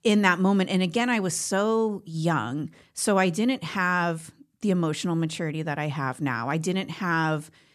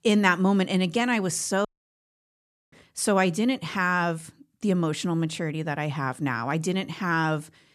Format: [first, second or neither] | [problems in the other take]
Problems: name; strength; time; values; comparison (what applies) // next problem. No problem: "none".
first | audio cutting out; at 1.5 s for 1 s